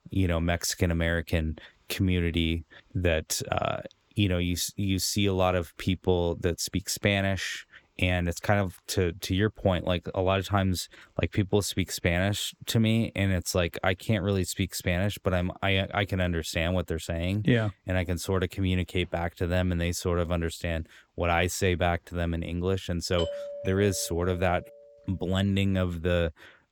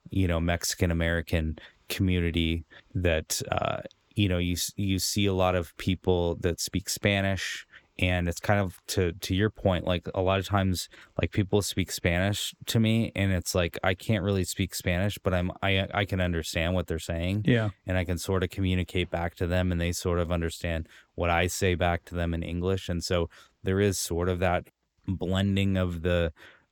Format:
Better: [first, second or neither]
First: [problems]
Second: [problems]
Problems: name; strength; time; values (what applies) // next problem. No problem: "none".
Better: second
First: doorbell; noticeable; from 23 to 25 s; peak 7 dB below the speech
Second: none